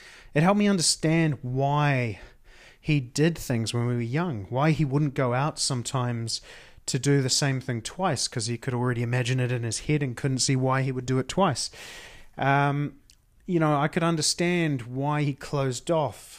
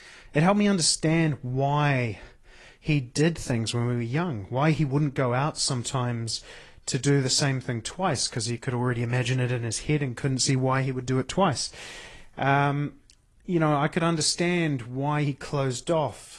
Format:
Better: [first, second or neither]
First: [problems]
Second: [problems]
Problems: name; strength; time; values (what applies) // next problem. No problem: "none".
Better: first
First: none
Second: garbled, watery; slightly